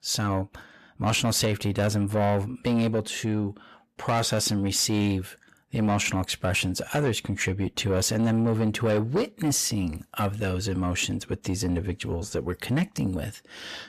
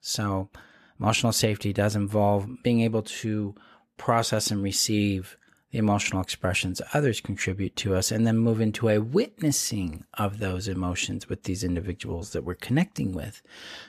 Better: second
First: distortion; slight; 10 dB below the speech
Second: none

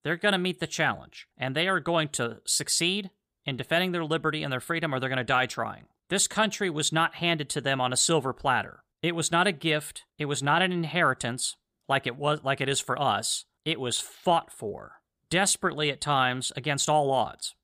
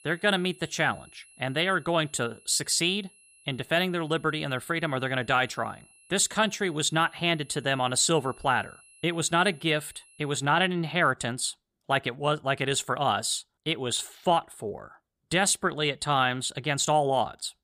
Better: first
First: none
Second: high-pitched whine; faint; until 10 s; 10.5 kHz, 25 dB below the speech

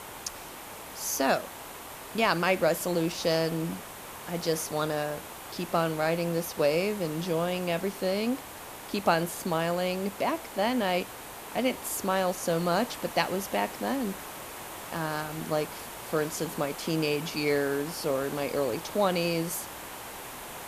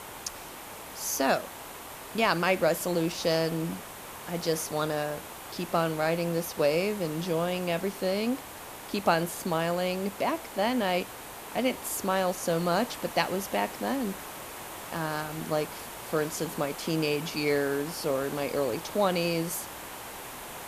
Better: neither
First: hiss; noticeable; throughout; 10 dB below the speech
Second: hiss; noticeable; throughout; 10 dB below the speech

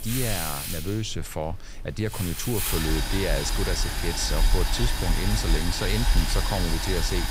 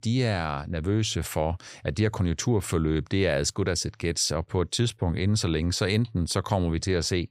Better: second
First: household noises; very loud; throughout; 2 dB above the speech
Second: none

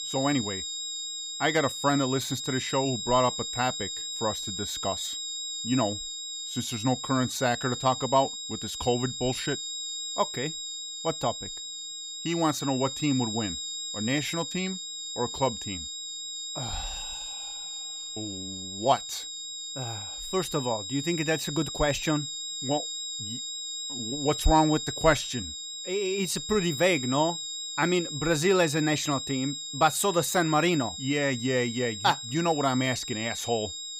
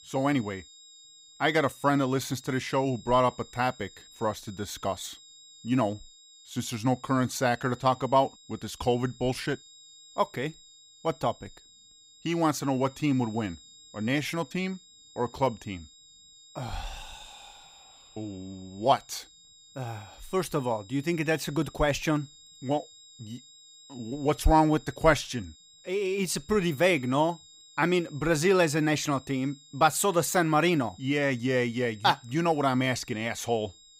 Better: second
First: high-pitched whine; loud; throughout; 4 kHz, 5 dB below the speech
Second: high-pitched whine; faint; throughout; 4 kHz, 25 dB below the speech

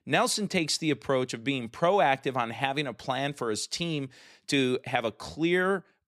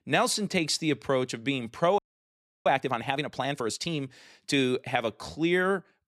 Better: first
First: none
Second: audio freezing; at 2 s for 0.5 s

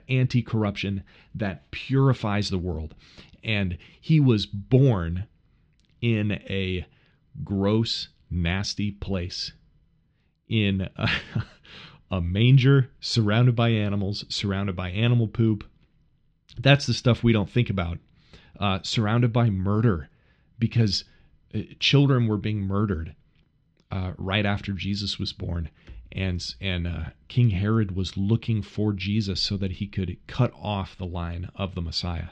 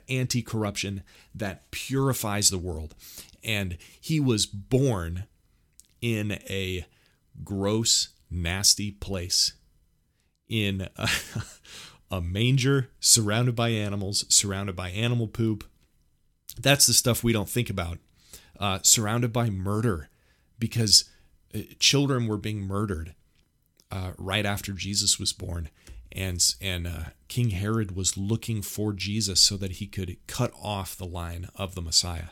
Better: second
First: muffled; slightly; fading above 4 kHz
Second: none

